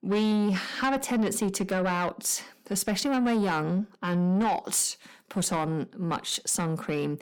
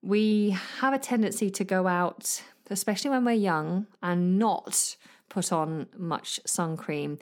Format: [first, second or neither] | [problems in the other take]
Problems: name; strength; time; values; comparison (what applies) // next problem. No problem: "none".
second | distortion; slight; 10 dB below the speech